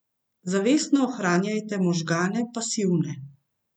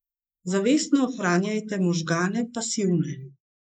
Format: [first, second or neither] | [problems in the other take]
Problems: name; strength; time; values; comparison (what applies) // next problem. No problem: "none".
first | noise reduction (neural mask model Resemble Enhance denoiser)